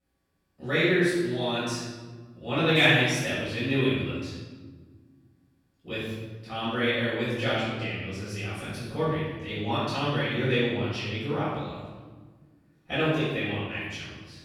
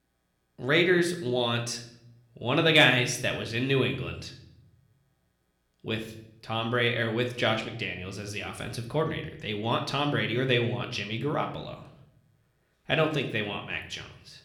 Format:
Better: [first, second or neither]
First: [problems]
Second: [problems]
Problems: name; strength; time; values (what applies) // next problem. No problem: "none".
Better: second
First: room echo; strong; dies away in 1.3 s // off-mic speech; far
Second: room echo; slight; dies away in 0.6 s